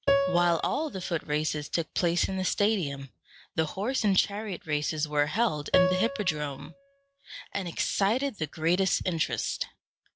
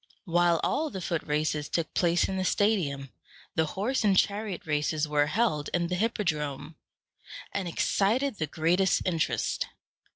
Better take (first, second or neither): second